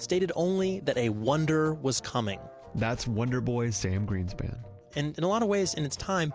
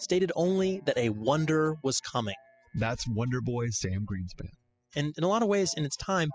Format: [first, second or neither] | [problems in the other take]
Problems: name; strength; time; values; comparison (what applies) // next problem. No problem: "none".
first | noise reduction (classical method spectral subtraction)